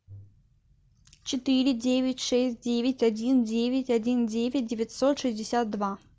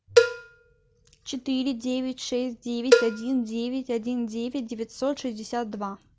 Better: first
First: none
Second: background sound (Cowbell); 2 dB above the speech

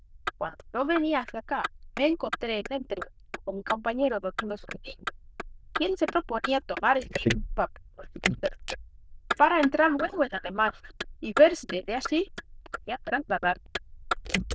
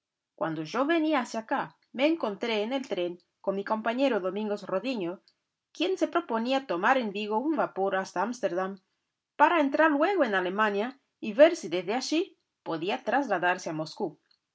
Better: second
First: noise reduction (neural diffusion model UNIVERSE++)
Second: none

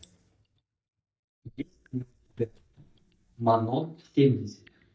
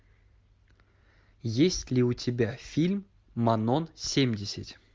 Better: second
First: noise reduction (neural mask model DeepFilterNet 3)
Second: none

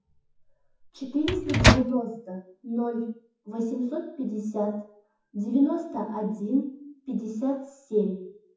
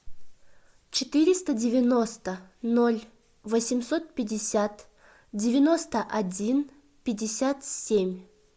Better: second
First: noise reduction (classical method WPE with log-MMSE)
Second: none

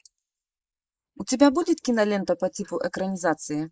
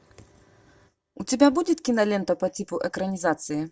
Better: second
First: noise reduction (neural mask model Resemble Enhance denoiser)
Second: none

